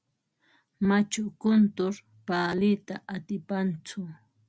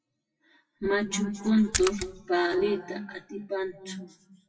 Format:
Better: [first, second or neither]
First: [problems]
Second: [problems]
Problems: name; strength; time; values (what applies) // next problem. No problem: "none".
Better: first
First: none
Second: noise reduction (classical method WPE with log-MMSE)